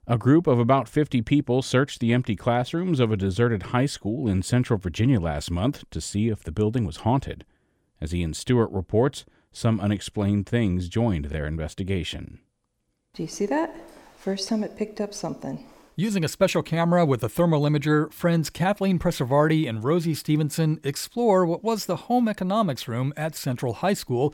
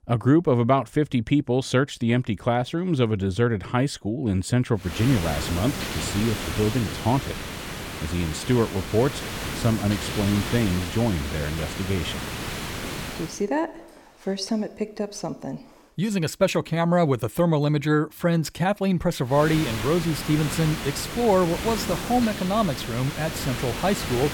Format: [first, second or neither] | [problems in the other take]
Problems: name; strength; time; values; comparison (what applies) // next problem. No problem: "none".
first | hiss; loud; from 5 to 13 s and from 19 s on; 7 dB below the speech